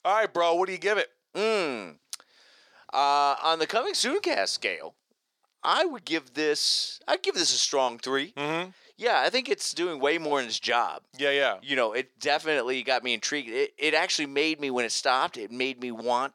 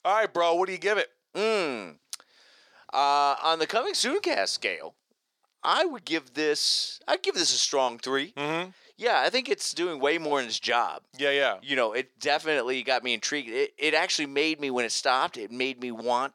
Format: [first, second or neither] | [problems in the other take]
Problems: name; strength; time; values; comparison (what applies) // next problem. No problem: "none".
neither | thin; somewhat; fading below 450 Hz; the same in both